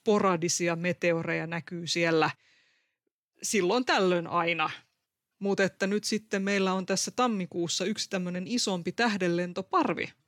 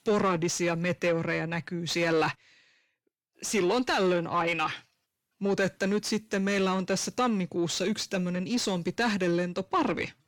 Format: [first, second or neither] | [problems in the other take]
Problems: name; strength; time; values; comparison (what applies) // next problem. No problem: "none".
first | distortion; slight; 10 dB below the speech